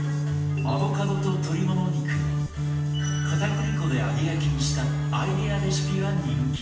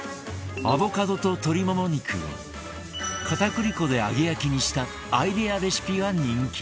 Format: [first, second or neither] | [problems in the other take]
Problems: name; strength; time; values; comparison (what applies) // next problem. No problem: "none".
second | background sound (Organ); 4 dB above the speech // room echo; dies away in 0.7 s